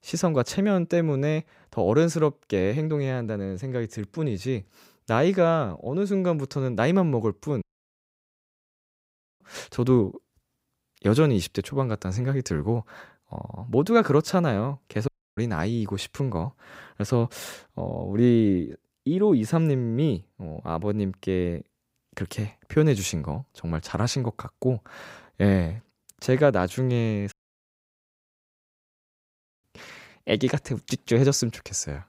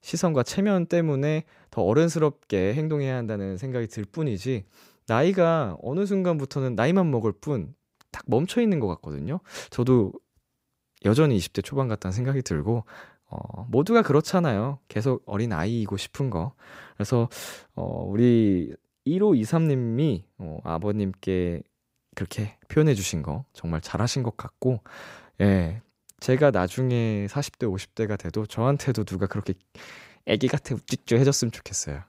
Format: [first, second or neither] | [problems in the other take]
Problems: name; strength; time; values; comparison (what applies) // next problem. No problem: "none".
second | audio cutting out; at 7.5 s for 2 s, at 15 s and at 27 s for 2.5 s